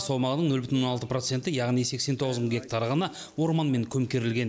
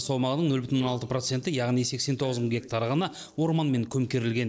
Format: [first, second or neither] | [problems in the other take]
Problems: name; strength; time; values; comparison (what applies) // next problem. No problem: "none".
first | noise reduction (neural separator model SepFormer DNS4)